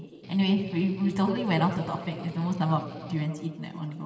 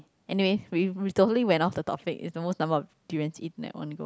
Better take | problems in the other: second | background sound (Strum); 14 dB below the speech // room echo; dies away in 2.5 s

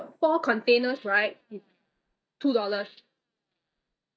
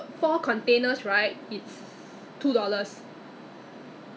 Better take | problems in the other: second | noise reduction (neural mask model DeepFilterNet 3)

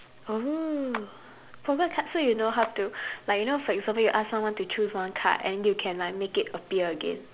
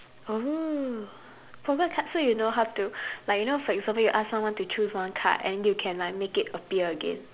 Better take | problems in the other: second | background sound (Clapping); 16 dB below the speech

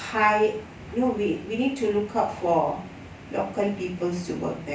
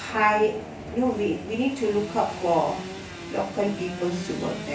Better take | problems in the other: first | background sound (Sawing / Engine); 13 dB below the speech

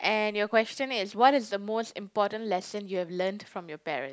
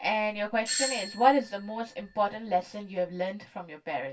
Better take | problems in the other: first | background sound (Doorbell); 8 dB below the speech // room echo; dies away in 0.1 s

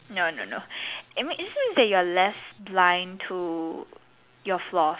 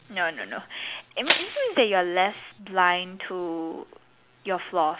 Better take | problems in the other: first | background sound (Crushing); 3 dB below the speech

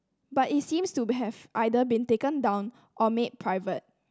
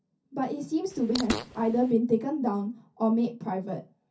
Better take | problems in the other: first | background sound (Fart); 8 dB below the speech // room echo; dies away in 0.3 s

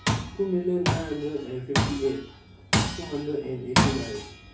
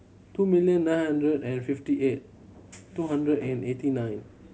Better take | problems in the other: second | background sound (Tools); 2 dB above the speech // room echo; dies away in 0.4 s

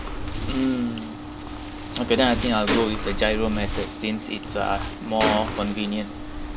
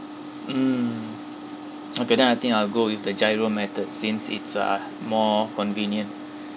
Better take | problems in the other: second | background sound (Gunshot, gunfire + Wind); 5 dB below the speech

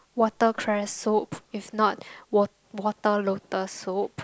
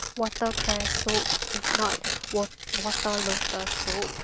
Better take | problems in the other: first | background sound (Tearing); 2 dB above the speech

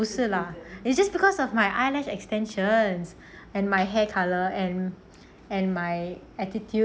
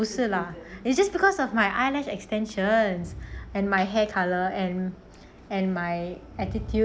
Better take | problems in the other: first | background sound (Crowd); 17 dB below the speech

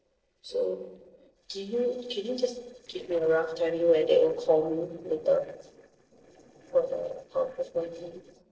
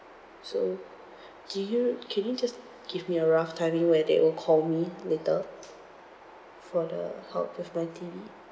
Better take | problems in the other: second | noise reduction (neural separator model SepFormer DNS4)

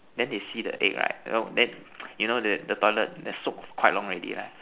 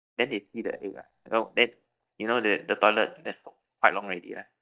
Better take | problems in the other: first | noise reduction (neural mask model DeepFilterNet 3)

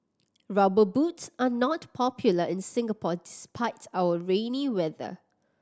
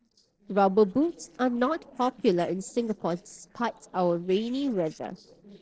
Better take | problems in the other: first | noise reduction (neural separator model SepFormer DNS4)

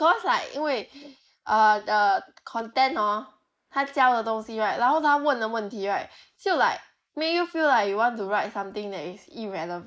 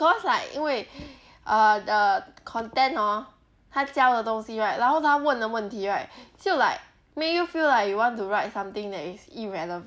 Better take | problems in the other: second | noise reduction (neural mask model Resemble Enhance denoiser)

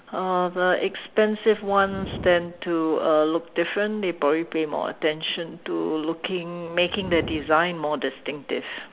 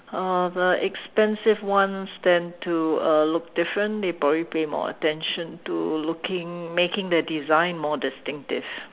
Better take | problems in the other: second | background sound (Fire); 16 dB below the speech

